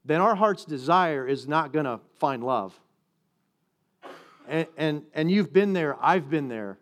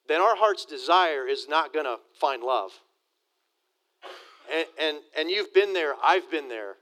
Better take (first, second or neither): first